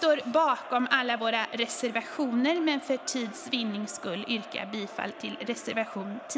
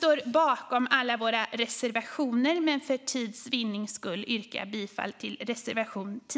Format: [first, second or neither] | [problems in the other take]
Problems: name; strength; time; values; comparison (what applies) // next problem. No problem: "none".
second | background sound (Crowd); 15 dB below the speech